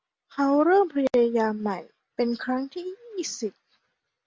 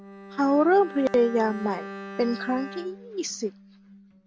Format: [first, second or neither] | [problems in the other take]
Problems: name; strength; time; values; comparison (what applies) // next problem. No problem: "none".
first | background sound (Bowed string instrument); 15 dB below the speech